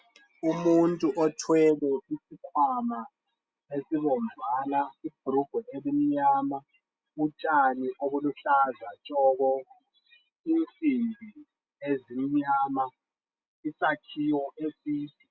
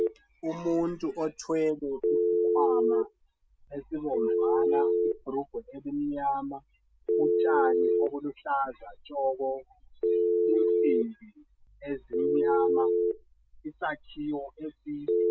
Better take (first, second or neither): first